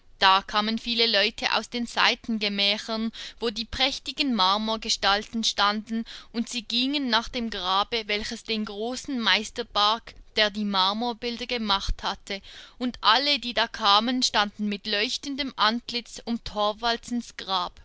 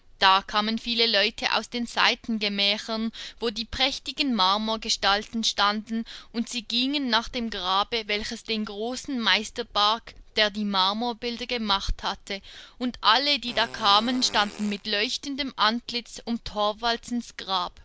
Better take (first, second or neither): first